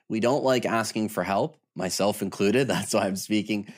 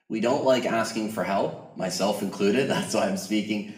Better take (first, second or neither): first